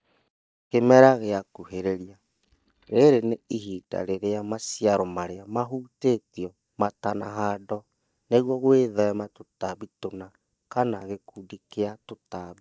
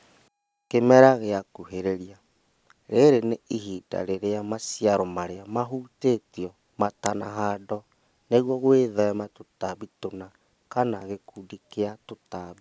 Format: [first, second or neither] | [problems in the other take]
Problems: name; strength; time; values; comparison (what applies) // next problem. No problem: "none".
second | noise reduction (neural mask model DeepFilterNet 3)